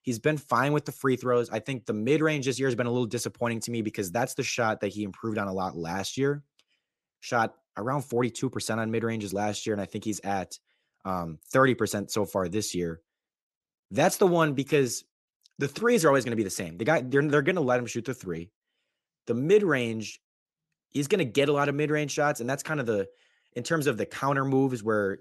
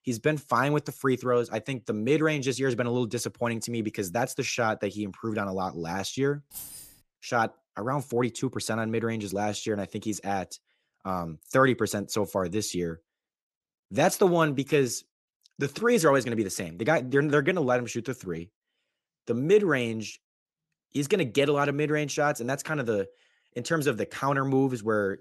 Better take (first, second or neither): first